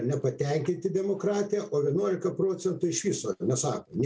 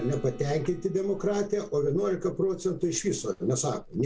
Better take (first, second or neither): first